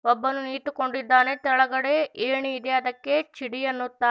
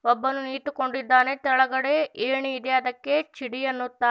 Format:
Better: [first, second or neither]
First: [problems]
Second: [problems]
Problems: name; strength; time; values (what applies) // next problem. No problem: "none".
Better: second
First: noise reduction (neural mask model DeepFilterNet 3)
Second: none